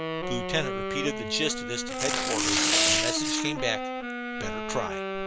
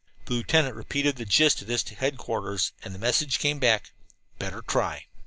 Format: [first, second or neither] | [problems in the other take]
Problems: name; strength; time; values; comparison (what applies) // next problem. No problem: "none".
second | background sound (Wind instrument, woodwind instrument + Tearing); 4 dB above the speech